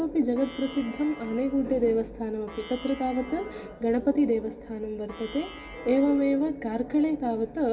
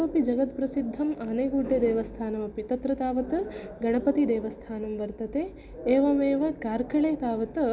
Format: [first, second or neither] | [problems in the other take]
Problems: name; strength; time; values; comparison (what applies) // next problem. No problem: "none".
second | background sound (Plucked string instrument); 18 dB below the speech // room echo; dies away in 0.3 s